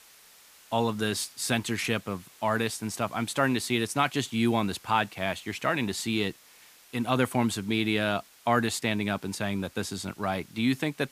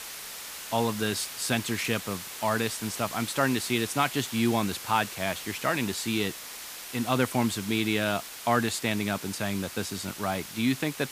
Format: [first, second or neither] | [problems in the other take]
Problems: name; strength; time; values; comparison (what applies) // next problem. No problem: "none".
first | hiss; loud; throughout; 9 dB below the speech; faint in the first